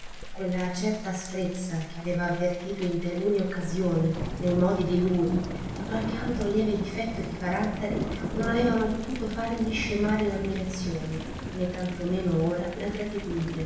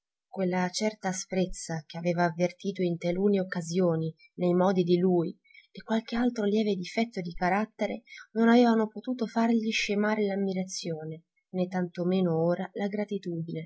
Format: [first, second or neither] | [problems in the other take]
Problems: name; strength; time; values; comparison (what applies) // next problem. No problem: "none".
second | background sound (Thunder / Rain); 6 dB below the speech // room echo; dies away in 0.9 s